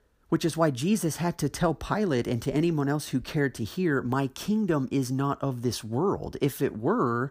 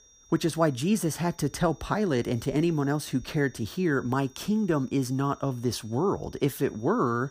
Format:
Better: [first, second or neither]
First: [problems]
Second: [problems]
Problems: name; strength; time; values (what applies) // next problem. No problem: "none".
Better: first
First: none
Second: high-pitched whine; faint; throughout; 5.5 kHz, 30 dB below the speech